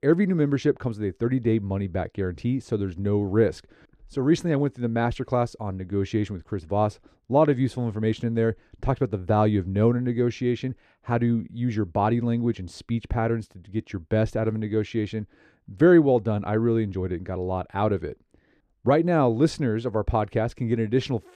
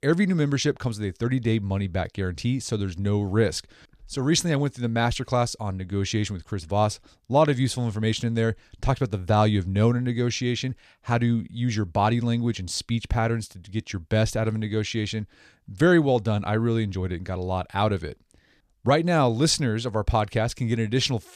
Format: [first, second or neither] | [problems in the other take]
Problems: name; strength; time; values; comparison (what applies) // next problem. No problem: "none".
second | muffled; slightly; fading above 3 kHz